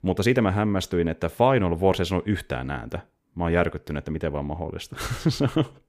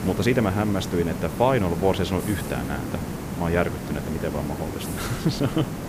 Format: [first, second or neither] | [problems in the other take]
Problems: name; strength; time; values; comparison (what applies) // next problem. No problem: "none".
first | hiss; loud; throughout; 6 dB below the speech